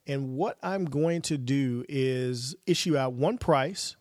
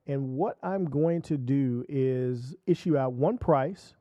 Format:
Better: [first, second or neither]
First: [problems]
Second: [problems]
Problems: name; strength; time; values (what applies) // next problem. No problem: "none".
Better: first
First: none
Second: muffled; very; fading above 2 kHz